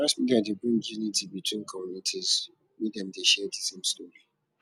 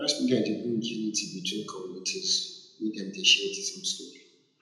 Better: first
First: none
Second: room echo; dies away in 0.7 s

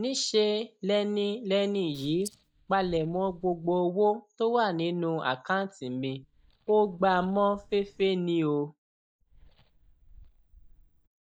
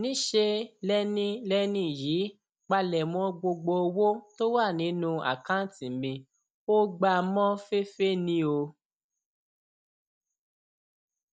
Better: second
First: noise reduction (neural mask model DeepFilterNet 3)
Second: none

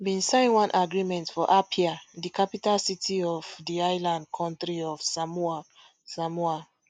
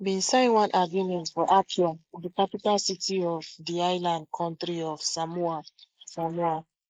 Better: first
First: none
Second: noise reduction (neural mask model Resemble Enhance denoiser)

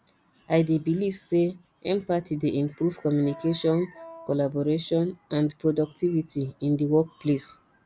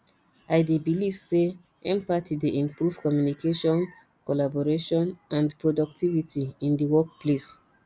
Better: second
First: background sound (Wind instrument, woodwind instrument); 20 dB below the speech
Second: none

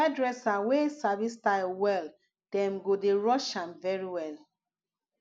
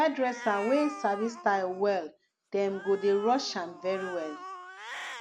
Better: first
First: none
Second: background sound (Cat); 14 dB below the speech

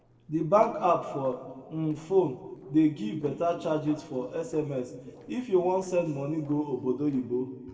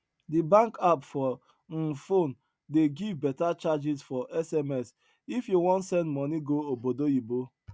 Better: second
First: noise reduction (neural separator model SepFormer DNS4)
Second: none

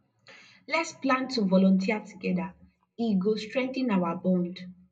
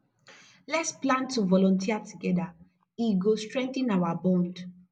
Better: second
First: room echo; dies away in 0.2 s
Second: none

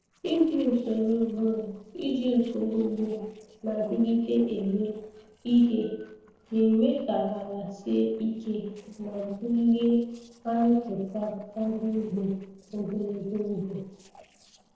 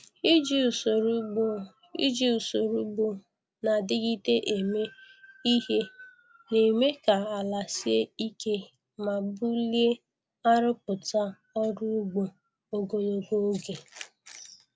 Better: second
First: noise reduction (neural separator model SepFormer DNS4)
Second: none

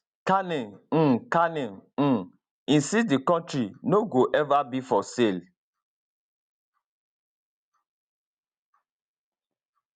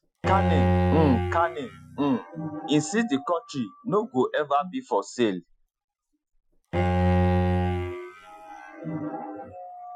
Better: first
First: none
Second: noise reduction (classical method Wiener filter)

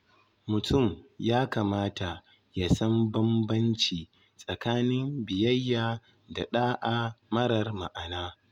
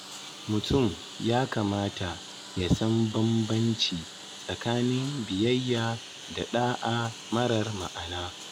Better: first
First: none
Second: background sound (Engine); 14 dB below the speech

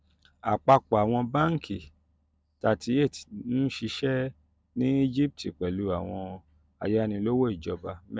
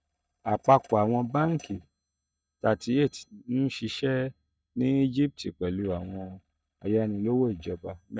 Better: first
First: none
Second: noise reduction (neural mask model DeepFilterNet 3)

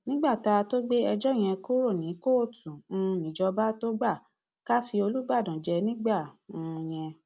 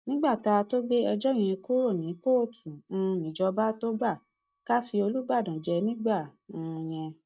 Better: first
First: none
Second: noise reduction (neural mask model DeepFilterNet 3)

